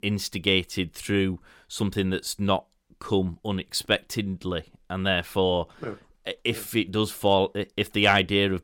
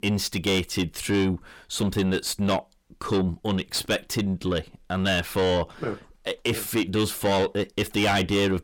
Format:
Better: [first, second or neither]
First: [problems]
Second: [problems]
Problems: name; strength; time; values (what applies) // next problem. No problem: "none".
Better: first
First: none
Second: distortion; heavy; 6 dB below the speech